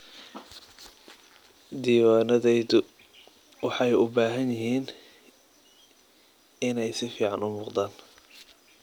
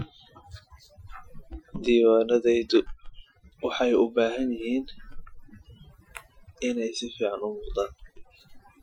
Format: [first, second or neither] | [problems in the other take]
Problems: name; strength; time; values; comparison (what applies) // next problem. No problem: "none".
first | noise reduction (classical method Wiener filter)